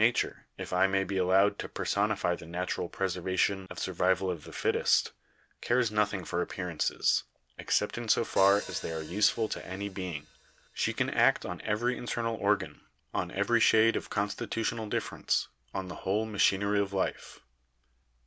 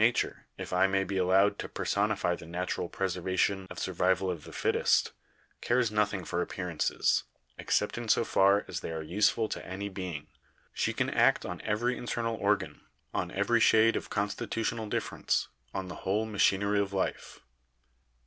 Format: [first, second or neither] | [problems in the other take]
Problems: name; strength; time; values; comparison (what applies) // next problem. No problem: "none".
second | background sound (Hi-hat); 17 dB below the speech